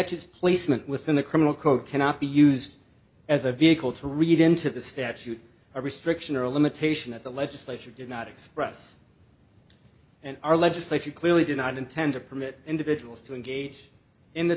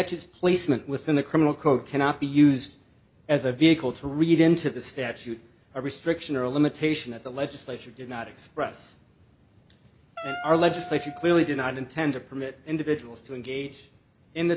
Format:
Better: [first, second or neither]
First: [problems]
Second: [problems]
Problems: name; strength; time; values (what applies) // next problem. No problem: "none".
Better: first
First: none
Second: background sound (Wind instrument, woodwind instrument); 13 dB below the speech